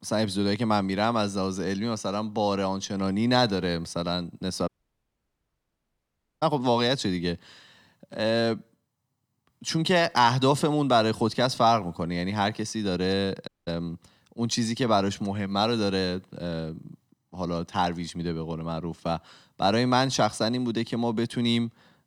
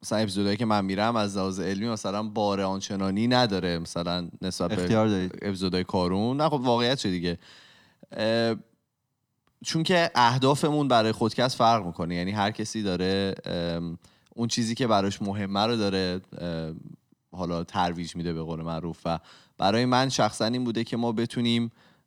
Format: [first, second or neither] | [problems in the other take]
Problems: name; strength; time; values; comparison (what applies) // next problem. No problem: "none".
second | audio cutting out; at 4.5 s for 1.5 s and at 13 s